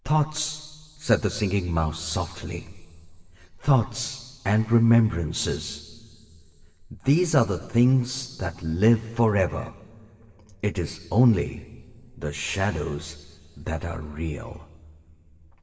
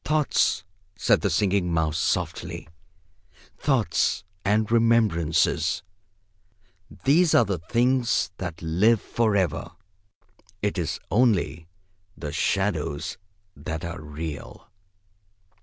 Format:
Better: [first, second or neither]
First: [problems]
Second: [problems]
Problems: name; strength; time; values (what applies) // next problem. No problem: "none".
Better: second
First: room echo; dies away in 3 s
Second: none